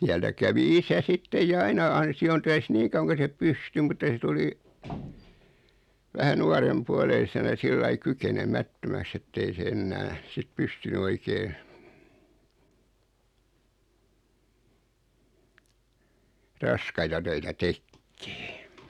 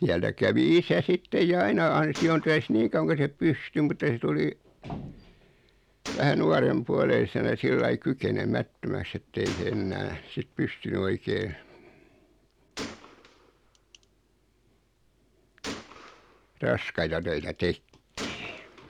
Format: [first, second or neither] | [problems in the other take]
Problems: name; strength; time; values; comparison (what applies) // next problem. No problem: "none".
first | background sound (Gunshot, gunfire); 19 dB below the speech